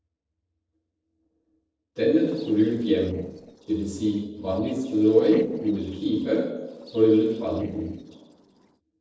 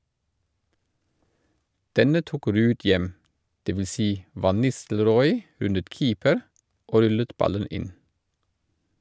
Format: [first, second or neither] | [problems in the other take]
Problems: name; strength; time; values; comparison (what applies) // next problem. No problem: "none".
second | noise reduction (neural separator model SepFormer DNS4)